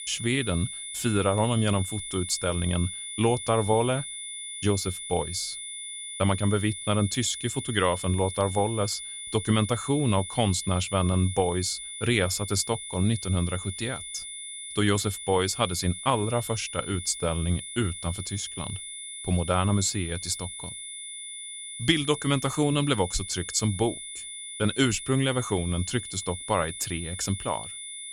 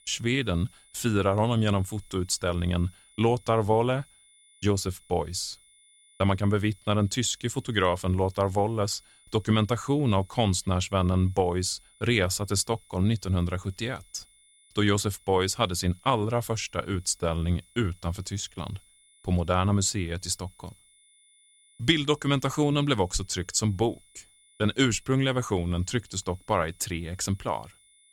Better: second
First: high-pitched whine; loud; throughout; 9.5 kHz, 8 dB below the speech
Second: high-pitched whine; faint; throughout; 9.5 kHz, 30 dB below the speech

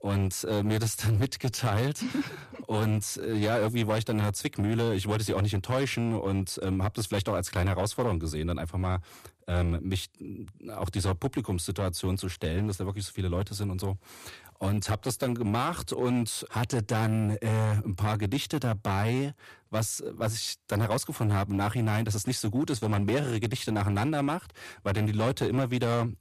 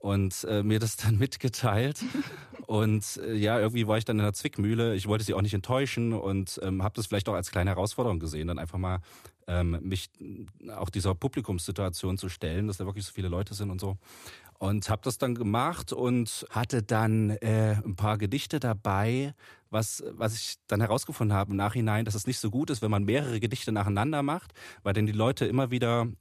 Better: second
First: distortion; slight; 8% of the sound clipped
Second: none

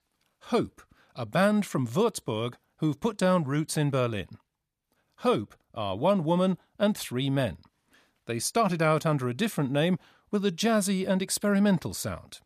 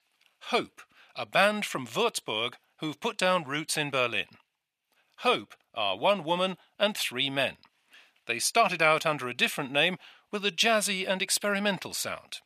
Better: first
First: none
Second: thin; somewhat; fading below 650 Hz

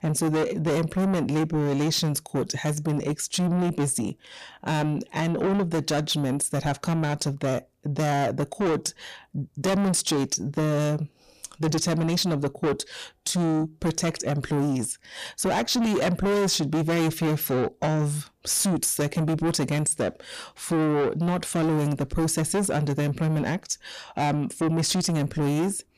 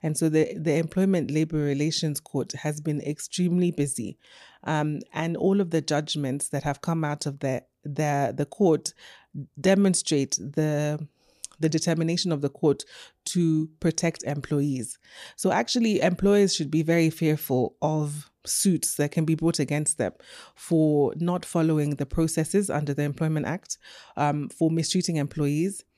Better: second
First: distortion; heavy; 7 dB below the speech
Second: none

